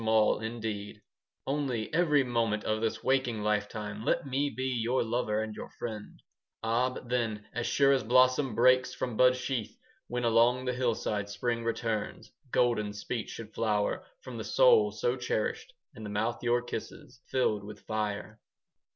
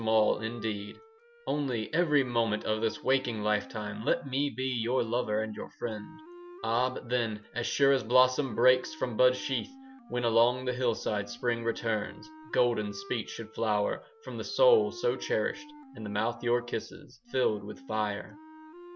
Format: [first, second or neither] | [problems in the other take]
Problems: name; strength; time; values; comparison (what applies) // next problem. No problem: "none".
first | background sound (Wind instrument, woodwind instrument); 20 dB below the speech